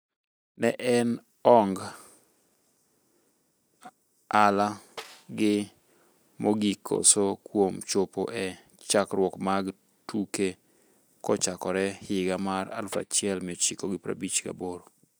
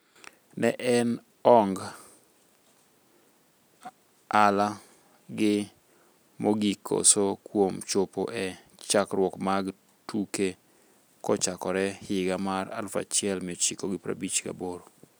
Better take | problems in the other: second | noise reduction (neural mask model DeepFilterNet 3)

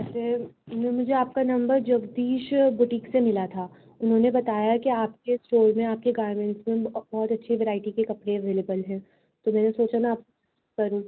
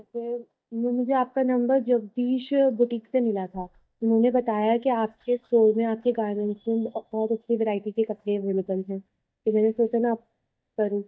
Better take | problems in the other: first | noise reduction (neural mask model DeepFilterNet 3)

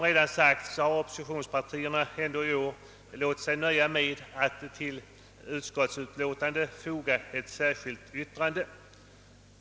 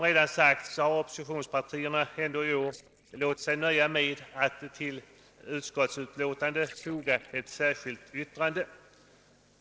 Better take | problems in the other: first | noise reduction (neural separator model SepFormer DNS4)

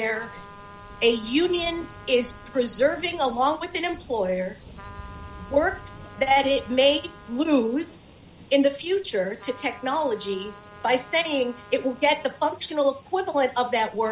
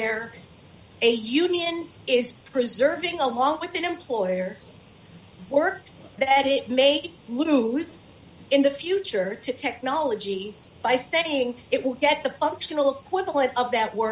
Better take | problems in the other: second | background sound (Trumpet + Thunder); 20 dB below the speech

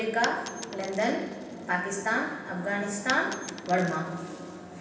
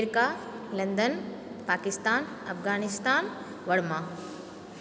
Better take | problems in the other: second | background sound (Coin (dropping)); 14 dB below the speech // room echo; dies away in 0.9 s

